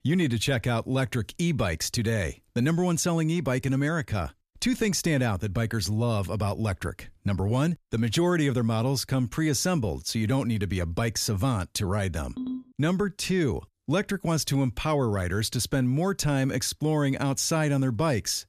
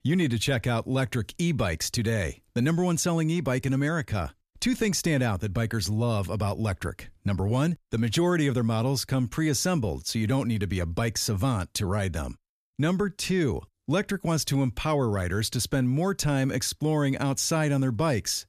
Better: second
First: phone ringing; noticeable; at 12 s; peak 8 dB below the speech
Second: none

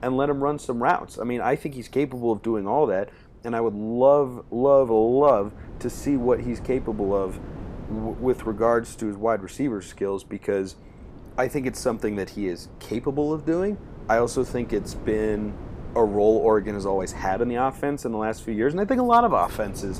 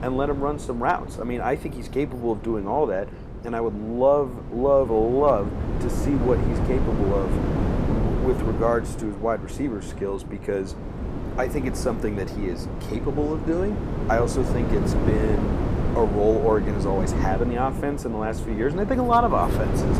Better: first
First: wind noise on the microphone; occasional gusts; 25 dB below the speech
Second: wind noise on the microphone; heavy; 8 dB below the speech

